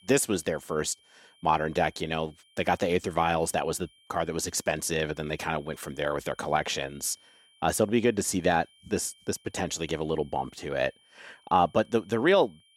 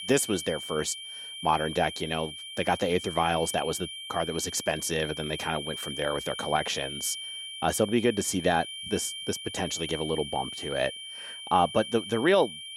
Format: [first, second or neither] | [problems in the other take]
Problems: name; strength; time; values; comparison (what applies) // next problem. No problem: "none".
first | high-pitched whine; loud; throughout; 3 kHz, 8 dB below the speech; faint in the first